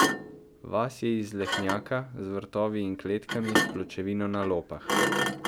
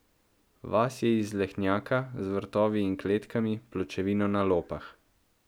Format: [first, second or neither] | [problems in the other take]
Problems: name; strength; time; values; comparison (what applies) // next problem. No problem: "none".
second | background sound (Thump, thud); as loud as the speech